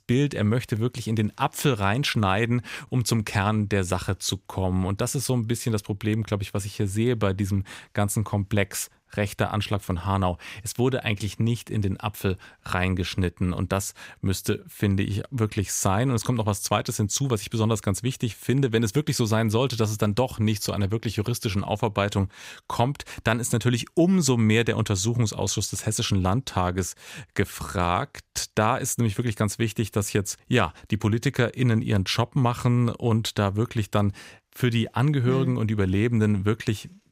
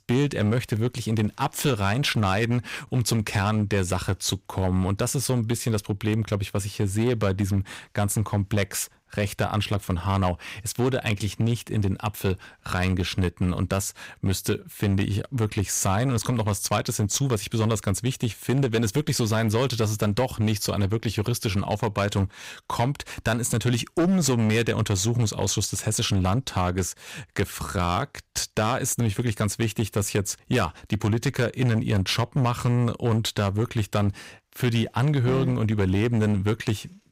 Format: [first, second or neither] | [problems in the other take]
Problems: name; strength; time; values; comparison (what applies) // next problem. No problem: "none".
first | distortion; slight; 10% of the sound clipped